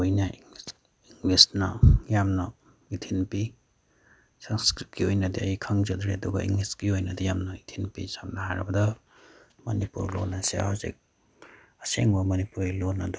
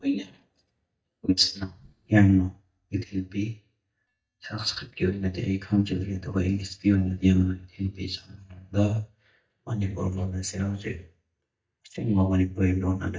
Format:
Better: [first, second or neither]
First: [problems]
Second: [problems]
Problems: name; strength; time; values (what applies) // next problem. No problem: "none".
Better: first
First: none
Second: noise reduction (neural mask model DeepFilterNet 3)